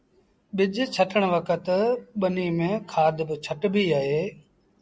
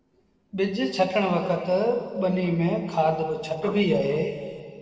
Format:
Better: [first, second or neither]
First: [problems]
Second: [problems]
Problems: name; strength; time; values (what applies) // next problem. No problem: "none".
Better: first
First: none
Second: noise reduction (neural separator model SepFormer DNS4)